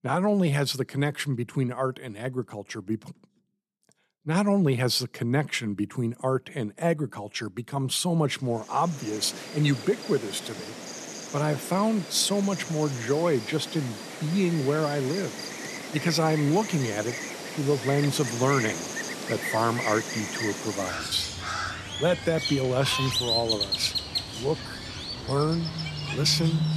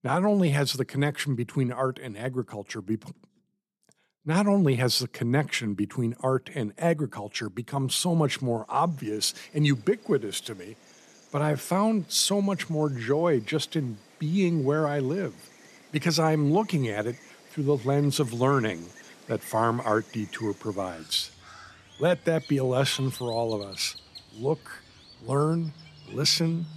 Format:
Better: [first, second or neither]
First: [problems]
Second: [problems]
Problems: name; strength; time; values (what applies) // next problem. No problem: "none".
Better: second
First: animal sounds; loud; from 9 s on; 5 dB below the speech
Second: animal sounds; faint; from 9 s on; 20 dB below the speech